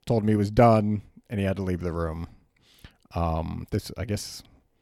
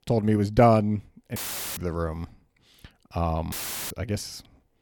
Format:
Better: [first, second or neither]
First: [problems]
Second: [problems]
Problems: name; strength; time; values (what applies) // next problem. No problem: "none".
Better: first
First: none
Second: audio cutting out; filled with static; at 1.5 s and at 3.5 s